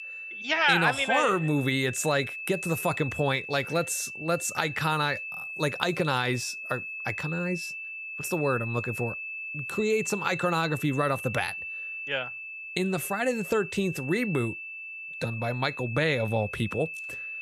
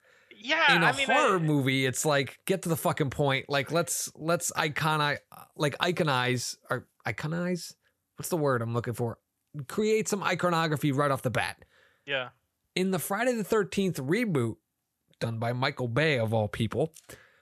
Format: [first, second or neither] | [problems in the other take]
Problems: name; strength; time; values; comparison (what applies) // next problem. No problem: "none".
second | high-pitched whine; loud; throughout; 2.5 kHz, 7 dB below the speech